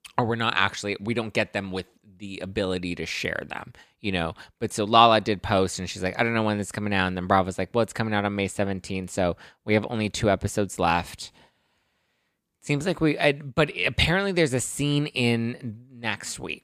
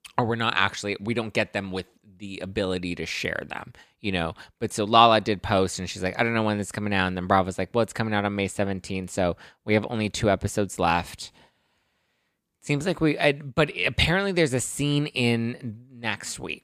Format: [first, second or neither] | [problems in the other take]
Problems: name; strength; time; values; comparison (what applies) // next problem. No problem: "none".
neither | none